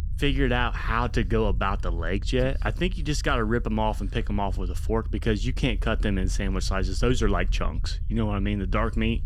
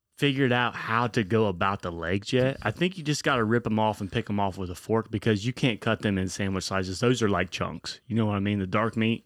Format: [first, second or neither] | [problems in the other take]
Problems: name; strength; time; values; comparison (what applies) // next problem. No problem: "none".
second | low rumble; faint; throughout; 25 dB below the speech